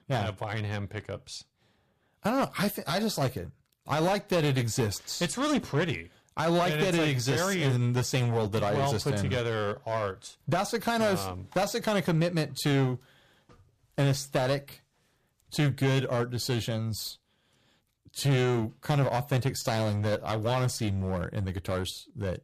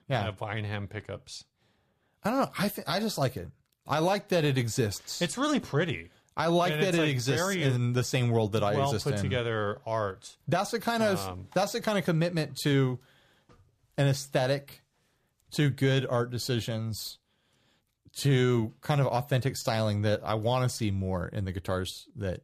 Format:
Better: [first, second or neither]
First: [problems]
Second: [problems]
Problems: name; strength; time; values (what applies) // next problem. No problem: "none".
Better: second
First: distortion; slight; 8% of the sound clipped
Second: none